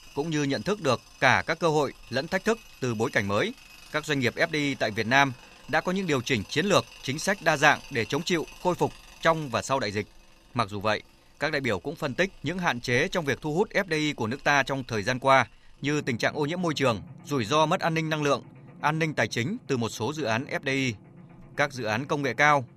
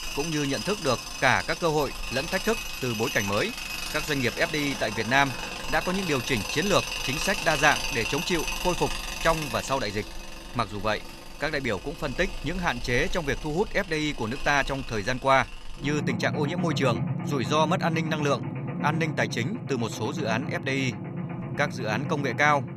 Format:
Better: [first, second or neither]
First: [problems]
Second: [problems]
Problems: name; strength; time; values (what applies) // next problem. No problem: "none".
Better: first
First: machinery noise; faint; throughout; 20 dB below the speech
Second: machinery noise; loud; throughout; 6 dB below the speech